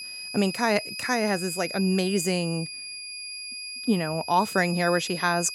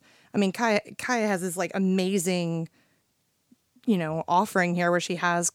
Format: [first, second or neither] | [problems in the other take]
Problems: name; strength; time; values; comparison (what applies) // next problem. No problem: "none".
second | high-pitched whine; loud; throughout; 5 kHz, 8 dB below the speech